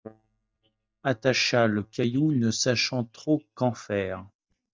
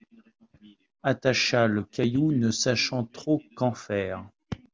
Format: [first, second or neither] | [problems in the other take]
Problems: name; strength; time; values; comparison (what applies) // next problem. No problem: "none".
second | noise reduction (neural mask model DeepFilterNet 3)